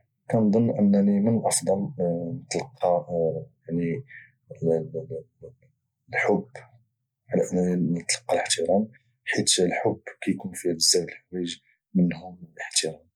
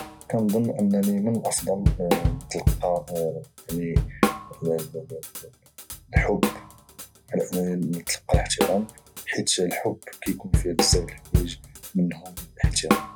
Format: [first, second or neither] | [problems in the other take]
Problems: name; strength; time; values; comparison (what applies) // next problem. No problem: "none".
first | background sound (Drum / Drum kit); 1 dB below the speech